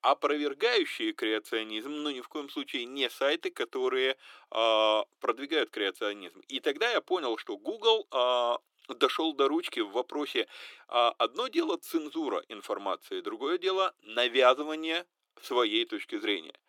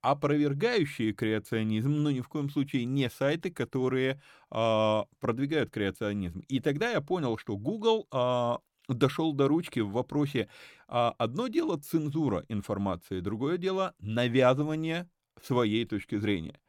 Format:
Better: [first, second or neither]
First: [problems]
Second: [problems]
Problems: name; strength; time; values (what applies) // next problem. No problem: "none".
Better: second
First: thin; somewhat; fading below 350 Hz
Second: none